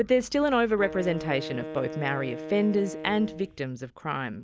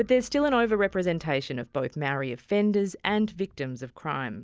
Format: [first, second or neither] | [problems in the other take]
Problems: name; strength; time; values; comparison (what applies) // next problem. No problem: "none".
second | background sound (Wind instrument, woodwind instrument); 12 dB below the speech